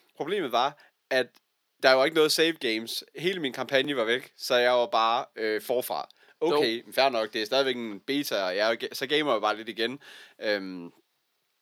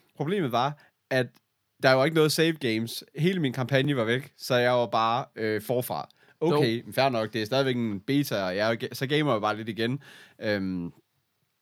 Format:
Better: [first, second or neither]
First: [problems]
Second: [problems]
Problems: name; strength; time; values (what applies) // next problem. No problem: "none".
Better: second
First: thin; somewhat; fading below 400 Hz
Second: none